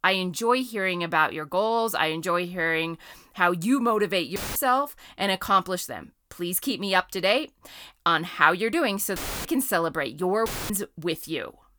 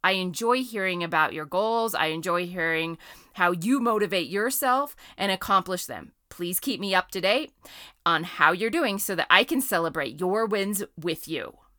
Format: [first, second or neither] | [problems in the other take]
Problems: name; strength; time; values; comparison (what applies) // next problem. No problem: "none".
second | audio cutting out; filled with static; at 4.5 s, at 9 s and at 10 s